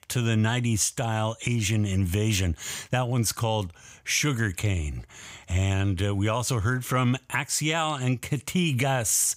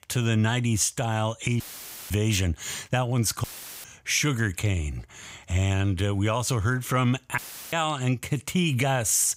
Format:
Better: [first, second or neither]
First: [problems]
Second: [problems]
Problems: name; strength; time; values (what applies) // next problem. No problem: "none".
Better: first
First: none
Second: audio cutting out; filled with static; at 1.5 s for 0.5 s, at 3.5 s and at 7.5 s